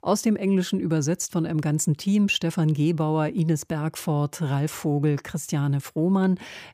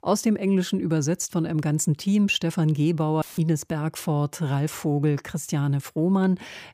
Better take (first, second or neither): first